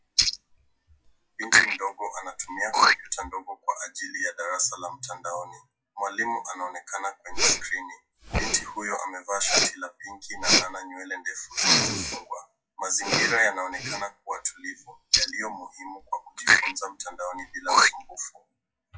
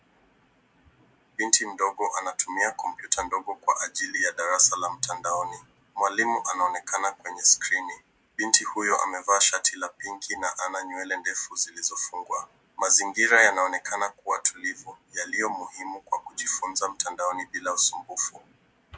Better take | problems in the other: second | noise reduction (classical method WPE with log-MMSE)

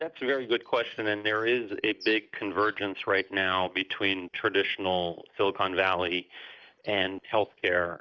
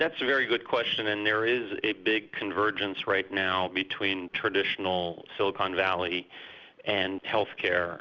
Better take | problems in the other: second | noise reduction (neural mask model DeepFilterNet 3)

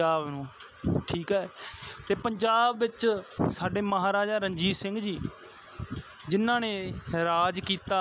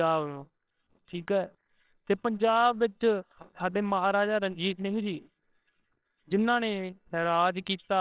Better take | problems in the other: first | noise reduction (neural separator model SepFormer WHAMR!)

